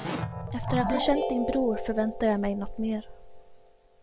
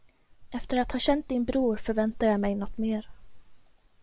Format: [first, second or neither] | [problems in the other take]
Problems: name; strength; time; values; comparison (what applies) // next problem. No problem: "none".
second | background sound (Keyboard (musical)); 5 dB below the speech